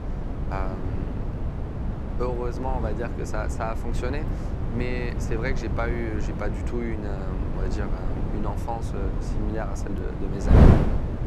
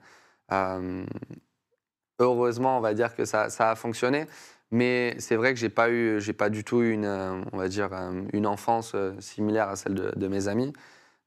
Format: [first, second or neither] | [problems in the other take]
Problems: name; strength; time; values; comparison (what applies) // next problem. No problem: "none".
second | wind noise on the microphone; heavy; 1 dB below the speech